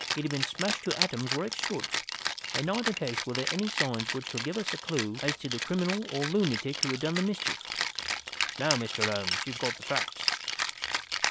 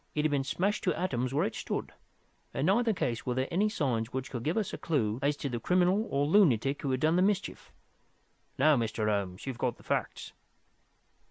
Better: second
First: background sound (Rattle (instrument)); as loud as the speech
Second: none

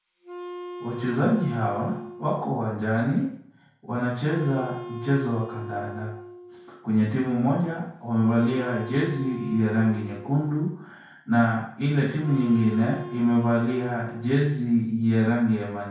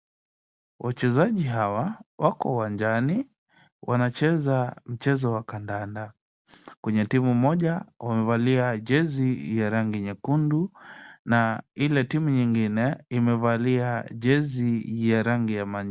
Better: second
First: background sound (Wind instrument, woodwind instrument); 15 dB below the speech // room echo; dies away in 0.5 s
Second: none

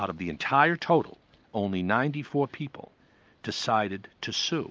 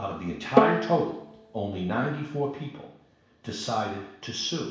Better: first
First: none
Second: background sound (Bowed string instrument); 2 dB above the speech // room echo; dies away in 0.7 s

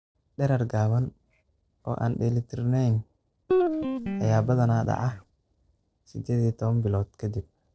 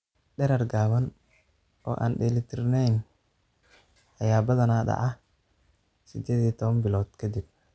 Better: second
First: noise reduction (neural separator model SepFormer DNS4)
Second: none

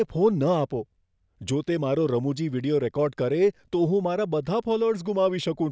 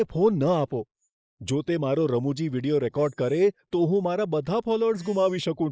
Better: first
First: none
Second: noise reduction (neural mask model Resemble Enhance denoiser)

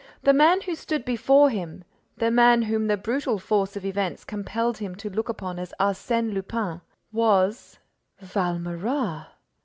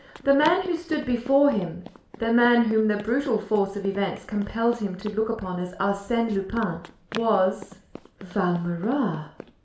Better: first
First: none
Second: background sound (Run); 19 dB below the speech // room echo; dies away in 0.5 s

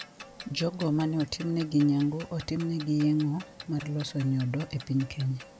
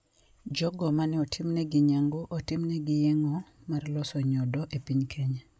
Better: second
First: background sound (Clock); 18 dB below the speech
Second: none

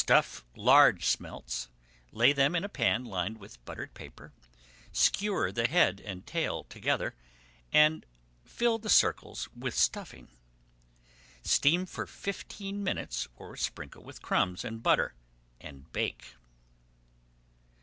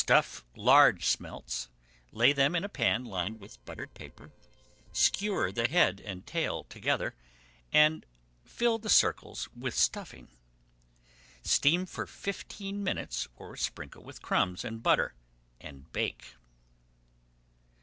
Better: first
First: none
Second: noise reduction (neural separator model SepFormer DNS4)

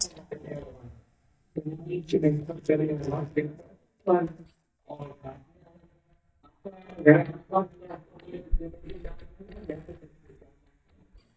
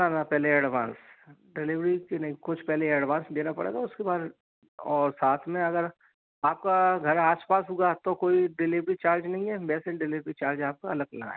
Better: second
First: noise reduction (neural mask model DeepFilterNet 3)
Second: none

